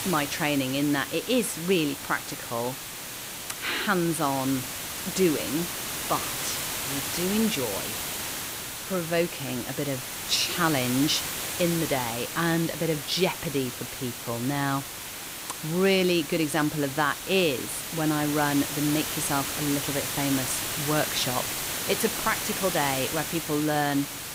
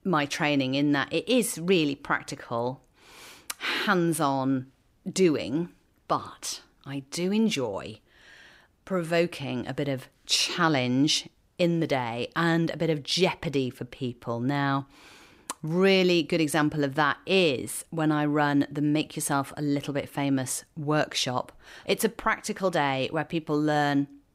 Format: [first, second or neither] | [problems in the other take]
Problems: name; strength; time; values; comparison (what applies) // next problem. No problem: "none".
second | hiss; loud; throughout; 4 dB below the speech